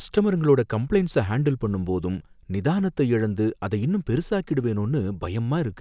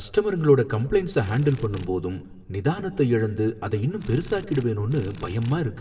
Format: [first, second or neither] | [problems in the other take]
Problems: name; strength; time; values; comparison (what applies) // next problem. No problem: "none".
first | background sound (Drill); 18 dB below the speech // room echo; dies away in 1.1 s